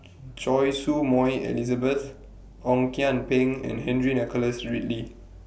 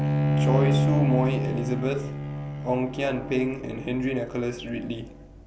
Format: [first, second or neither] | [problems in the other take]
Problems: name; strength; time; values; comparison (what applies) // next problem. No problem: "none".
first | background sound (Bowed string instrument); 2 dB above the speech